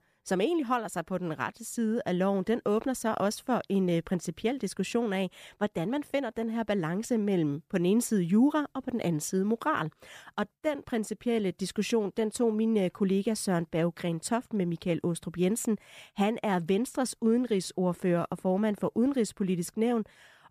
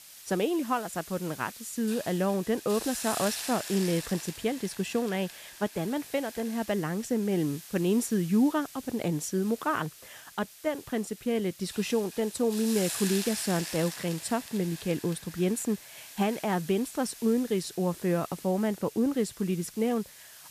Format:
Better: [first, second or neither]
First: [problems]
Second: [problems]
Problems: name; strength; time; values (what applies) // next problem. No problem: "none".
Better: first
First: none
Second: hiss; noticeable; throughout; 10 dB below the speech